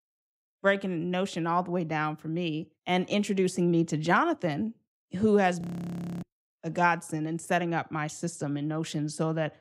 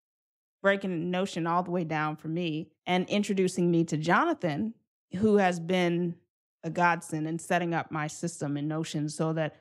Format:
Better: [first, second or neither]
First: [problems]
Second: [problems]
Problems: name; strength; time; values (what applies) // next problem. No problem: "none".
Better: second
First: audio freezing; at 5.5 s for 0.5 s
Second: none